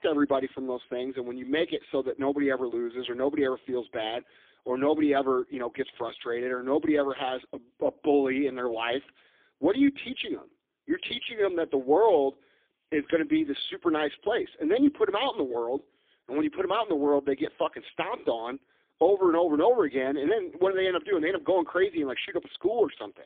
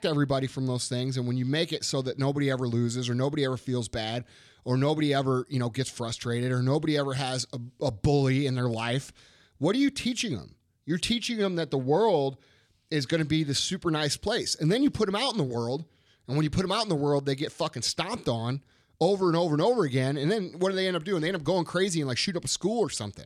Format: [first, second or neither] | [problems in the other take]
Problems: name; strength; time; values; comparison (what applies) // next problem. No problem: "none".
second | phone-call audio; poor line; nothing above 3.5 kHz